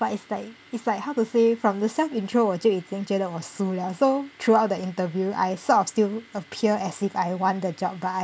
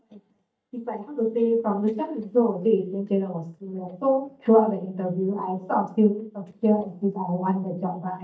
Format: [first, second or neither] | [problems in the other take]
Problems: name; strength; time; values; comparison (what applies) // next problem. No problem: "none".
first | noise reduction (neural mask model DeepFilterNet 3)